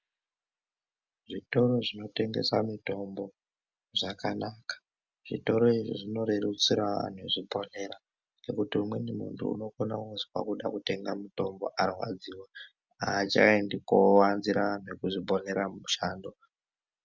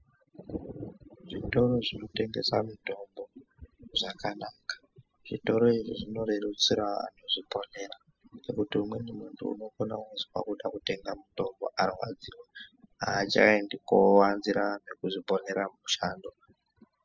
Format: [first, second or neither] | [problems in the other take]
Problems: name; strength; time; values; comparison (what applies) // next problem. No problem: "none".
first | noise reduction (classical method spectral subtraction)